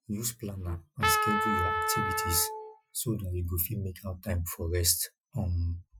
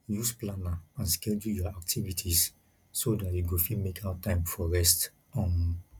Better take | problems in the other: second | noise reduction (classical method Wiener filter)

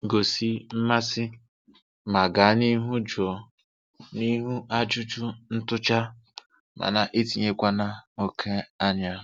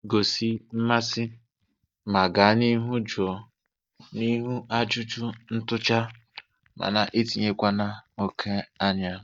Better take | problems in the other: first | noise reduction (neural mask model DeepFilterNet 3)

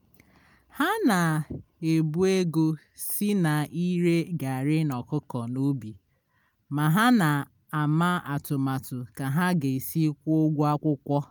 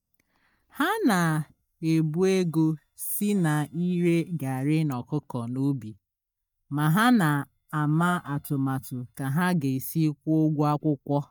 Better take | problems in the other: first | noise reduction (neural mask model DeepFilterNet 3)

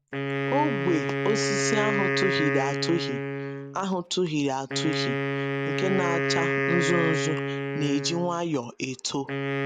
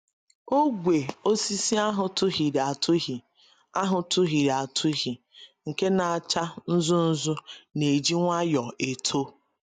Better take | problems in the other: second | background sound (Wind instrument, woodwind instrument); 1 dB above the speech

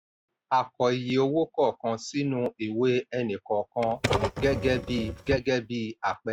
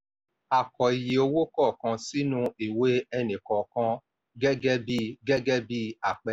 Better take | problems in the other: second | noise reduction (neural mask model RNNoise)

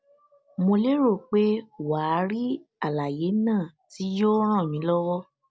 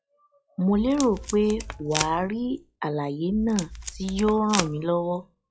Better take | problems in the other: first | noise reduction (classical method log-MMSE)

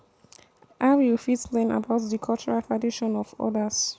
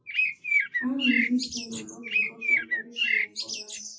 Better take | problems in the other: first | noise reduction (classical method WPE with log-MMSE)

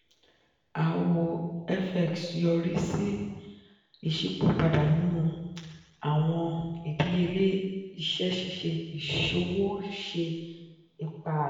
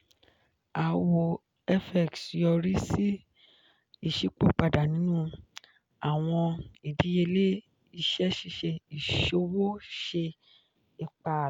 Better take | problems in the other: second | room echo; dies away in 1.2 s

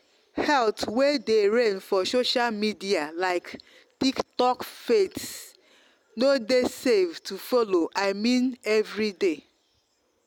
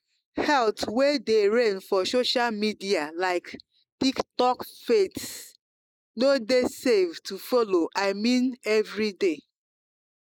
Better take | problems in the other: first | noise reduction (neural mask model Resemble Enhance denoiser)

